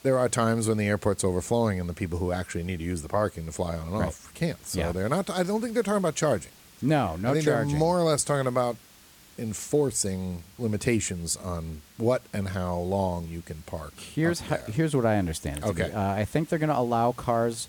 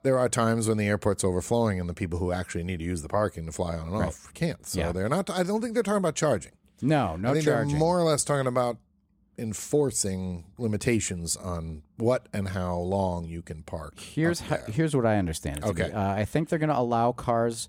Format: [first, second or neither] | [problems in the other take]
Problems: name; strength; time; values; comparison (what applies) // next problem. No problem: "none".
second | hiss; faint; throughout; 25 dB below the speech